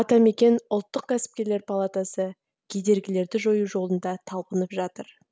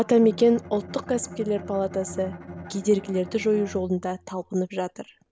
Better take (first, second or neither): first